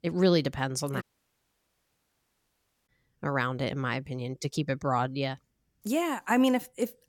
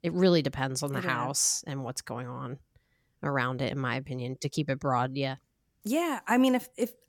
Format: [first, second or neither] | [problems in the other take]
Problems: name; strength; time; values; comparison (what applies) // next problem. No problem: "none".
second | audio cutting out; at 1 s for 2 s